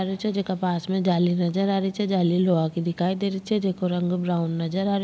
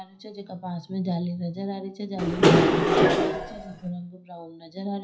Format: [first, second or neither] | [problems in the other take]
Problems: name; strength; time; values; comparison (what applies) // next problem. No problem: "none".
first | noise reduction (classical method WPE with log-MMSE)